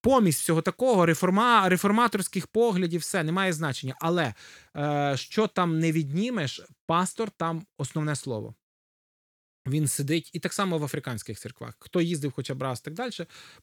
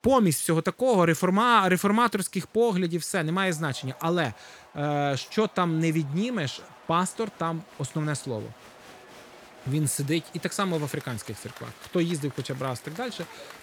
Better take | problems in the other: first | crowd noise; faint; throughout; 20 dB below the speech

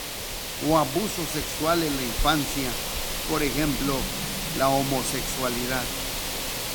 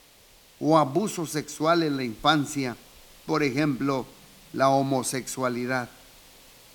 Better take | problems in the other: second | hiss; loud; throughout; 2 dB below the speech; faint in the second

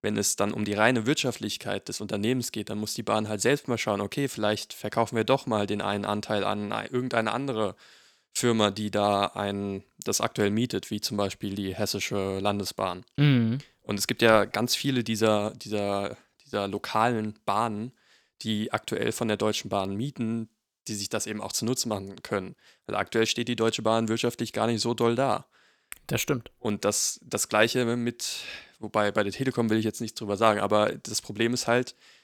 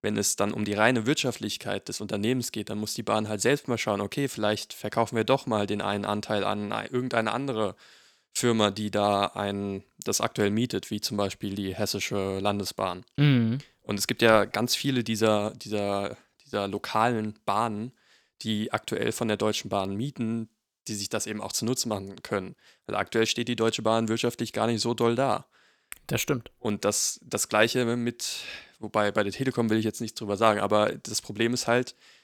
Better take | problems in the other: neither | none

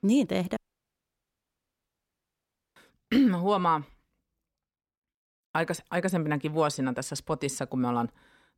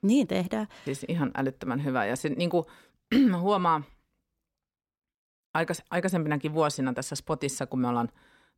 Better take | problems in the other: second | audio cutting out; at 0.5 s for 2 s

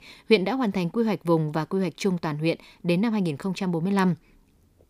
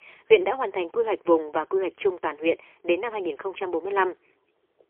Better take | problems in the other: first | phone-call audio; poor line; nothing above 3 kHz

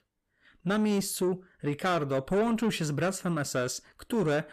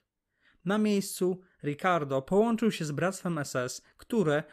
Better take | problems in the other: second | distortion; slight; 10 dB below the speech

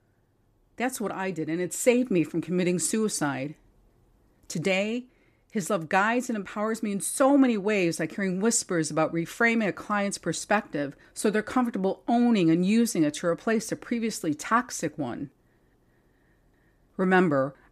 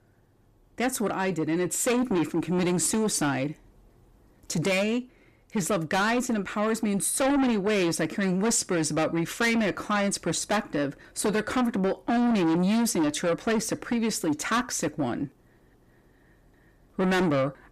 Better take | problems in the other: first | distortion; heavy; 7 dB below the speech

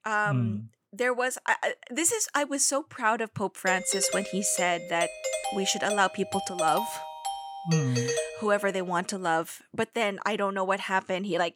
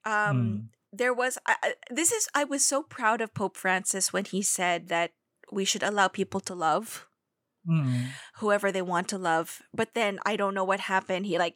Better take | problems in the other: second | doorbell; noticeable; from 3.5 to 8.5 s; peak 2 dB below the speech

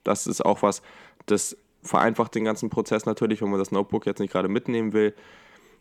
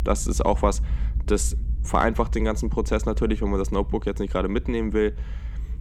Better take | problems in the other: first | low rumble; faint; throughout; 25 dB below the speech

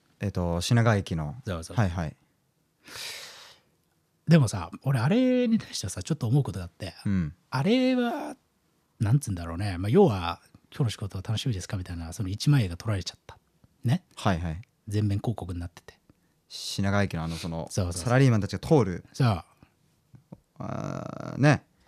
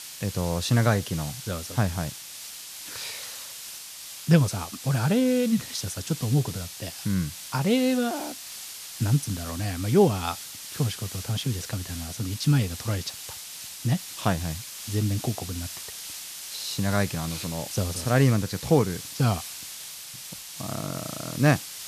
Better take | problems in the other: first | hiss; loud; throughout; 10 dB below the speech

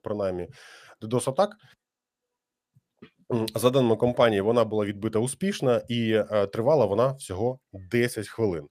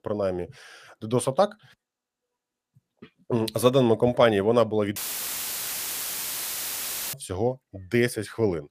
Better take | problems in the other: first | audio cutting out; filled with static; at 5 s for 2 s

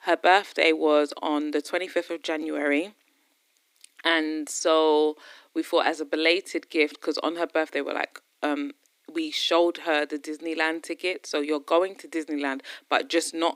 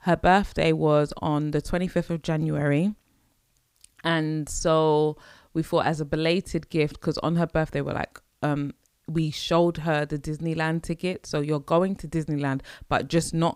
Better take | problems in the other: second | thin; somewhat; fading below 300 Hz

